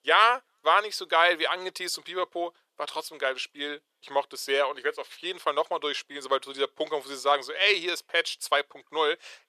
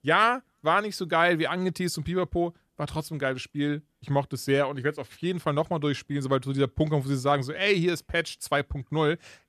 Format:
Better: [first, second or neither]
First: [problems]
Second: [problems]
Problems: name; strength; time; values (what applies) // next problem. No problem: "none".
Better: second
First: thin; very; fading below 450 Hz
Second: none